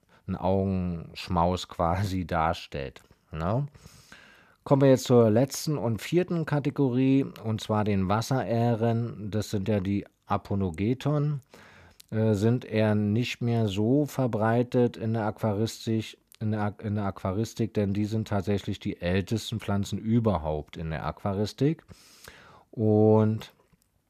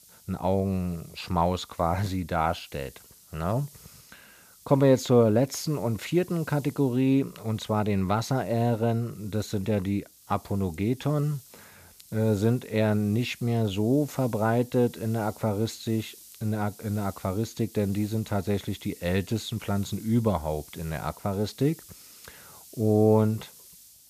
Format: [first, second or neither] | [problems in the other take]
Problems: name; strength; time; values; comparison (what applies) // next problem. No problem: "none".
first | hiss; faint; throughout; 20 dB below the speech